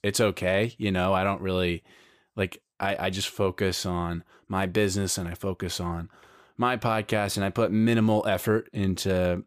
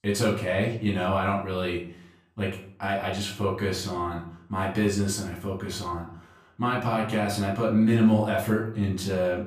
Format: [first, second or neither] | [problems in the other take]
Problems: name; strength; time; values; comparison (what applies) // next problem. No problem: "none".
first | off-mic speech; far // room echo; slight; dies away in 0.5 s